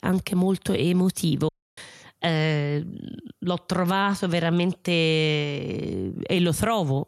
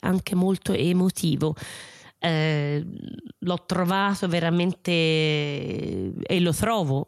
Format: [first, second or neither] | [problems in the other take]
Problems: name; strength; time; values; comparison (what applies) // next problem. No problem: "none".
second | audio cutting out; at 1.5 s